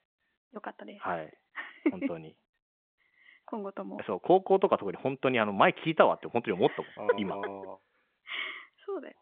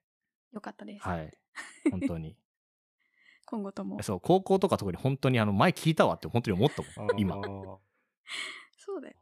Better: second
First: phone-call audio; nothing above 3.5 kHz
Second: none

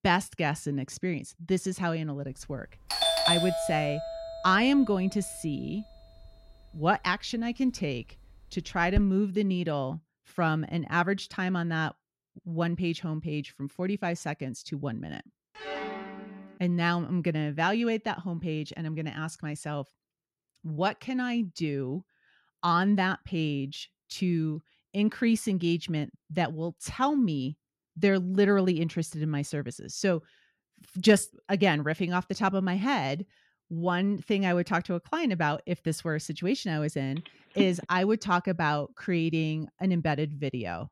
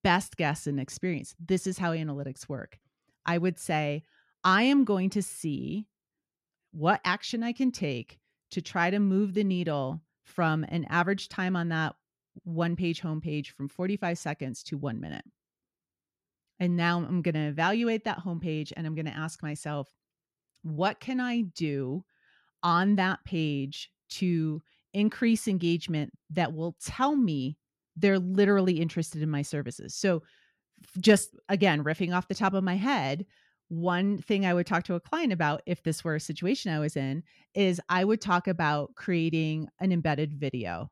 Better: second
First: doorbell; loud; from 3 to 9 s; peak 6 dB above the speech // phone ringing; noticeable; from 16 to 17 s and at 38 s; peak 4 dB below the speech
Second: none

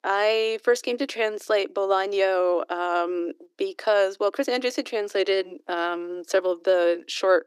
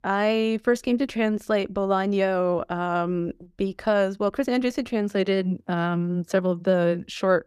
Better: second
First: thin; very; fading below 300 Hz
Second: none

